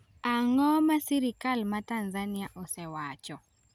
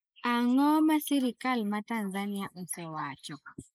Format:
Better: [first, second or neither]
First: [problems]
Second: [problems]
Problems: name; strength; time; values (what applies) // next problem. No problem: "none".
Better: first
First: none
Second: noise reduction (neural mask model Resemble Enhance denoiser)